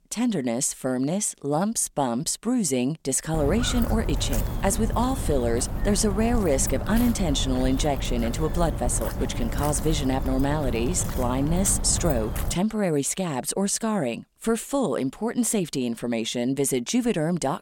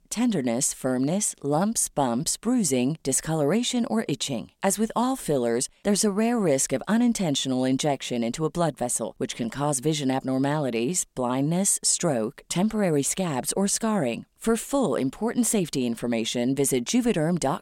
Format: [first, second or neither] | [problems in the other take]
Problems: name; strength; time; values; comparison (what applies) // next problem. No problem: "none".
second | footsteps; noticeable; from 3.5 to 13 s; peak 3 dB below the speech